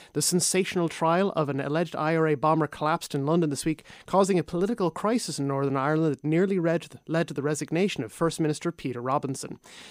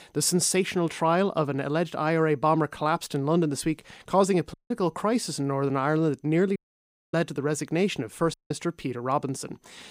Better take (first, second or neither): first